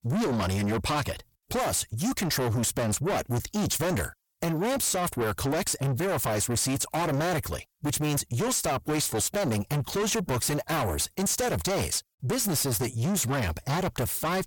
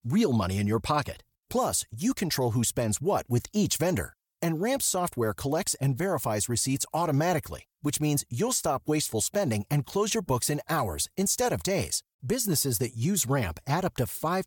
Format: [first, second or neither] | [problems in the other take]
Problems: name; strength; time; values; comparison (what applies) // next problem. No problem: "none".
second | distortion; heavy; 6 dB below the speech